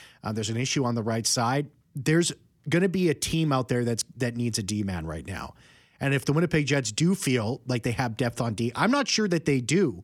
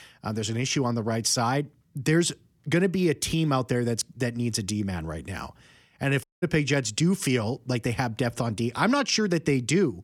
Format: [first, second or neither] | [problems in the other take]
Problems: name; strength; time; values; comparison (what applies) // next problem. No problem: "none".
first | audio cutting out; at 6 s